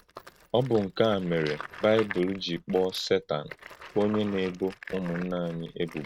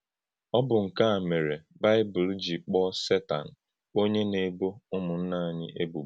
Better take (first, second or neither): second